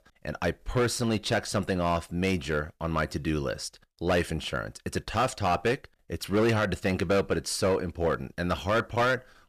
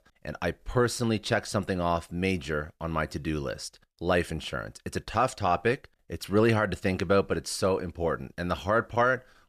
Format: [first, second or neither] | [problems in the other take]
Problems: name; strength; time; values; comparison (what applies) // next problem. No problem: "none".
second | distortion; slight; 7% of the sound clipped